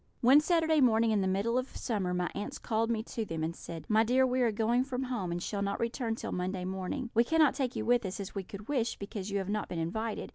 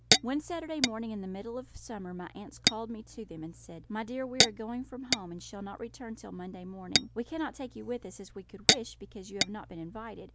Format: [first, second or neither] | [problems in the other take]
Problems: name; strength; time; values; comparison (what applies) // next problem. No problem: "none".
first | background sound (Tap / Glass); 4 dB above the speech